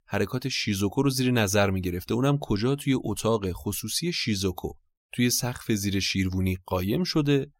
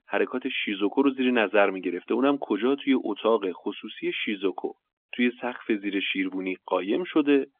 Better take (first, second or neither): first